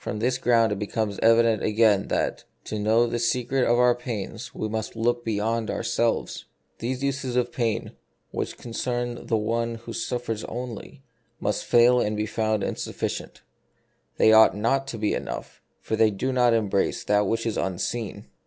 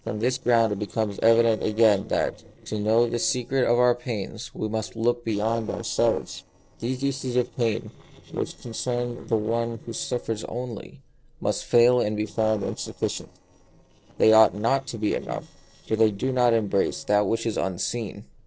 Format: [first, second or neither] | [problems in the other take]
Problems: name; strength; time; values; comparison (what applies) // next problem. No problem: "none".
first | noise reduction (neural separator model SepFormer DNS4)